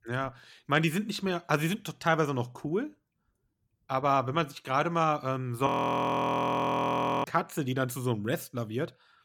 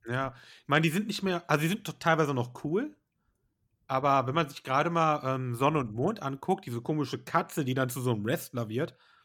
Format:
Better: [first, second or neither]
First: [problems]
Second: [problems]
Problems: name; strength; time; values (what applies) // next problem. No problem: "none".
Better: second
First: audio freezing; at 5.5 s for 1.5 s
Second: none